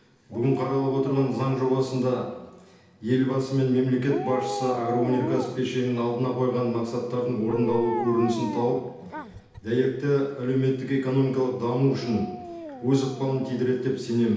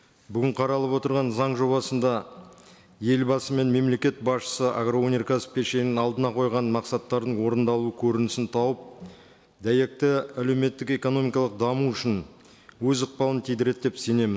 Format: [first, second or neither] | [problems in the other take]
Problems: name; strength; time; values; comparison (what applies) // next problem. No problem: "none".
second | background sound (Dog); 12 dB below the speech // room echo; dies away in 0.8 s